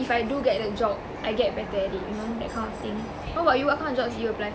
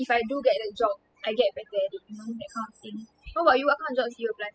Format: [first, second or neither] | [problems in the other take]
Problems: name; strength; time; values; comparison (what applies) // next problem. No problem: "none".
first | noise reduction (classical method spectral subtraction)